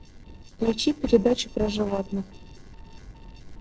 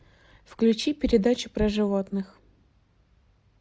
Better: second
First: noise reduction (neural separator model SepFormer DNS4)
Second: none

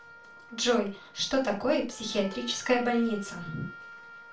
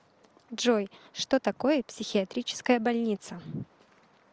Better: second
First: background sound (Wind instrument, woodwind instrument); 17 dB below the speech // room echo; dies away in 0.3 s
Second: none

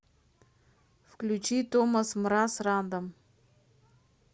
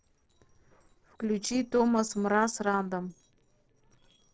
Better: first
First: none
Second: noise reduction (neural separator model SepFormer DNS4)

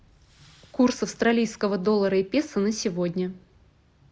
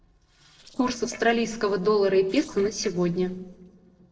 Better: first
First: none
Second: noise reduction (neural separator model SepFormer DNS4)

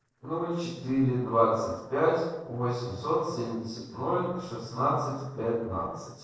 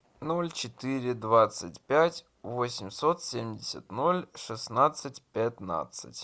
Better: second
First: noise reduction (neural separator model SepFormer DNS4)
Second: none

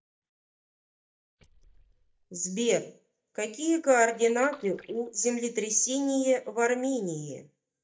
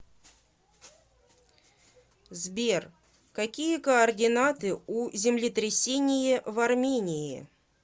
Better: second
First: noise reduction (neural mask model DeepFilterNet 3)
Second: none

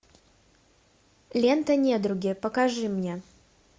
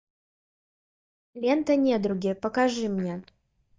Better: first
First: none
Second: noise reduction (neural mask model DeepFilterNet 3)

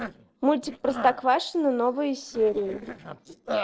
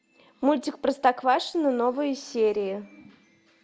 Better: second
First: noise reduction (neural separator model SepFormer DNS4)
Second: none

